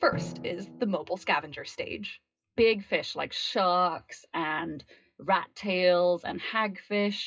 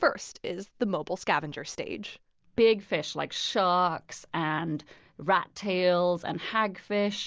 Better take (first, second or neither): second